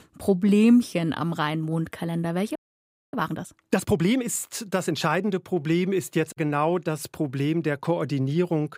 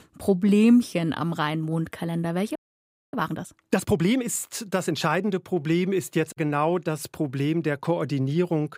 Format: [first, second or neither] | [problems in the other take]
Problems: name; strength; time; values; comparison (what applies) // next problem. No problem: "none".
neither | audio freezing; at 2.5 s for 0.5 s; the same in both